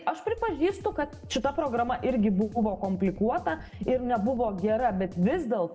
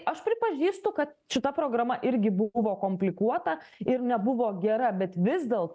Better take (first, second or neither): second